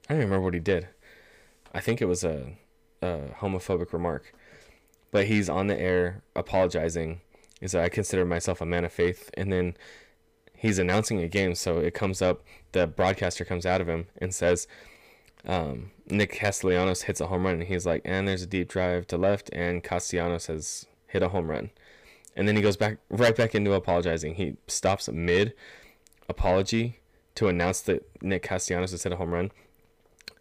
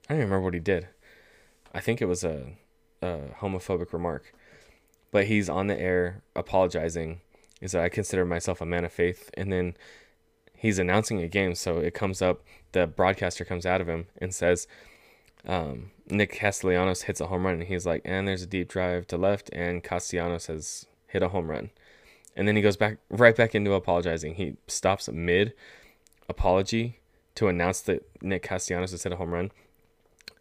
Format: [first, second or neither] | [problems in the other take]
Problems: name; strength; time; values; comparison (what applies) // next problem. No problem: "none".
second | distortion; slight; 10 dB below the speech